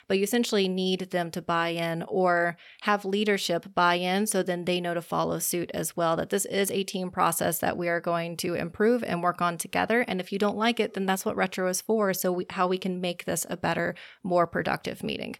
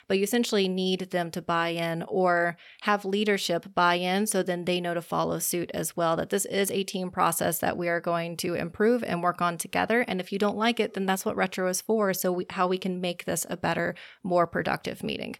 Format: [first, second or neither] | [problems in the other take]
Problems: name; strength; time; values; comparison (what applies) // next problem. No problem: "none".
neither | none